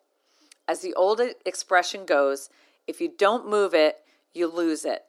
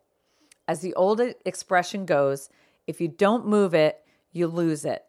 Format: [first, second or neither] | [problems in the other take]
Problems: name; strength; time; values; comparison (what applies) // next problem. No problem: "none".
second | thin; somewhat; fading below 300 Hz